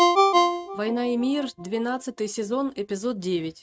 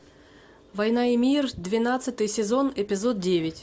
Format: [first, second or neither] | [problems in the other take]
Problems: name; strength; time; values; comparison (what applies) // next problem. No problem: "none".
second | noise reduction (neural mask model RNNoise)